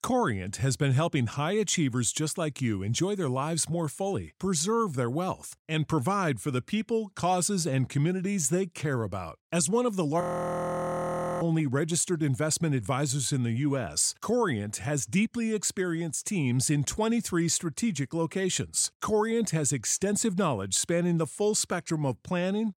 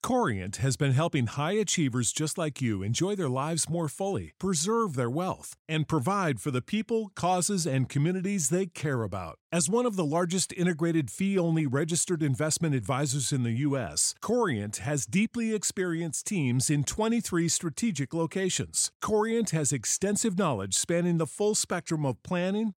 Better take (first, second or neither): second